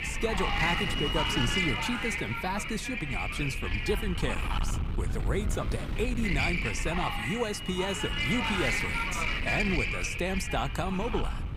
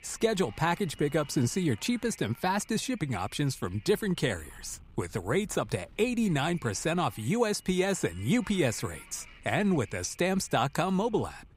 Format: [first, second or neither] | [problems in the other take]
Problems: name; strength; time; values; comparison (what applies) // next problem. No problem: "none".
second | wind noise on the microphone; heavy; 4 dB above the speech; occasional gusts in the second